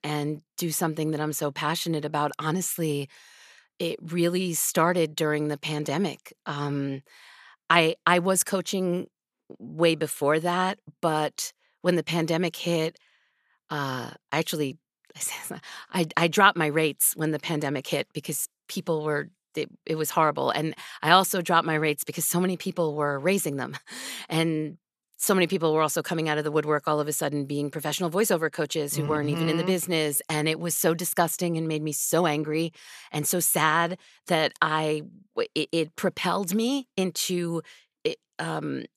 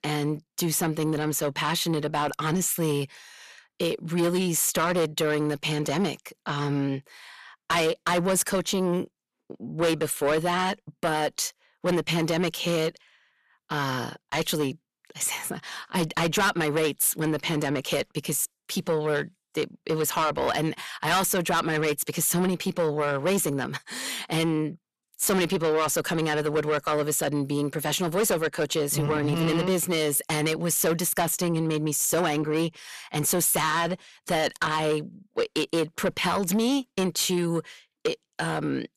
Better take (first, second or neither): first